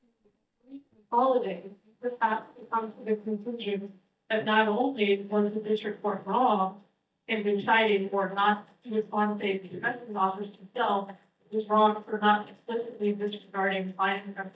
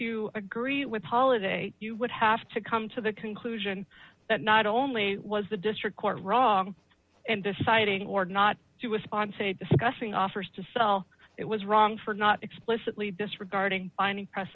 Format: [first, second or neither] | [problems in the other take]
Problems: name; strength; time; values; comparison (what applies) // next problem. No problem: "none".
second | noise reduction (neural mask model DeepFilterNet 3)